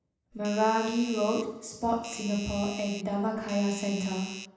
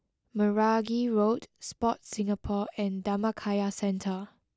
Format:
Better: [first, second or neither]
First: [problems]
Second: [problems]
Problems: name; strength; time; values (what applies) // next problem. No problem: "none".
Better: second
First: background sound (Doorbell); 13 dB below the speech // room echo; dies away in 0.9 s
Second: none